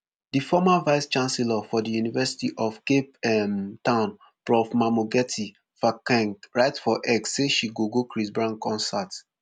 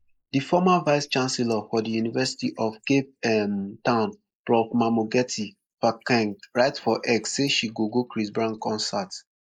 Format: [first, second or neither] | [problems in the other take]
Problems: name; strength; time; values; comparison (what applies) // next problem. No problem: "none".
first | noise reduction (neural mask model Resemble Enhance denoiser)